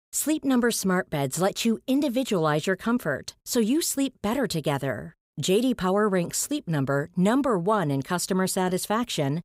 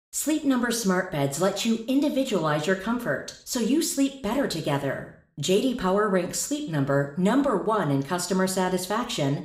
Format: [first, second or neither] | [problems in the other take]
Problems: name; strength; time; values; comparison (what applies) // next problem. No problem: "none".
first | room echo; slight; dies away in 0.5 s